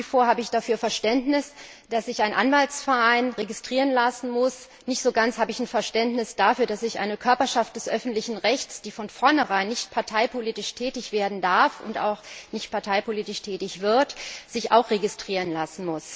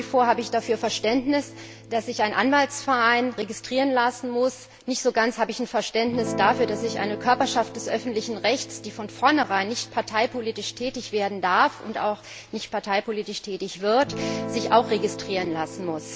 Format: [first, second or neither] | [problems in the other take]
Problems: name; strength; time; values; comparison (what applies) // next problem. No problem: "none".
first | background sound (Guitar); 13 dB below the speech